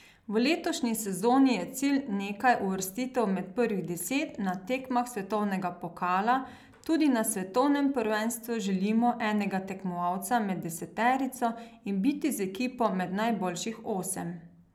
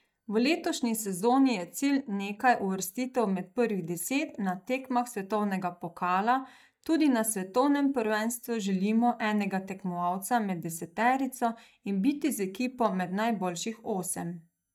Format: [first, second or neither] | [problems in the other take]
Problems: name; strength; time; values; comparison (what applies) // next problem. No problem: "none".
first | noise reduction (neural mask model DeepFilterNet 3)